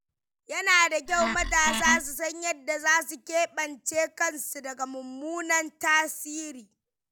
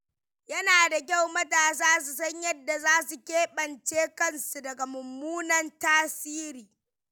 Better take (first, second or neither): second